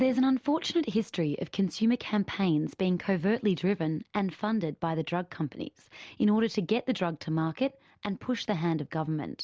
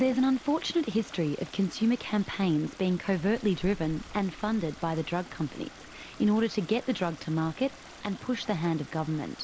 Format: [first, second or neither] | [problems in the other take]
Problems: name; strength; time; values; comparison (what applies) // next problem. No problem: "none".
first | background sound (Stream); 17 dB below the speech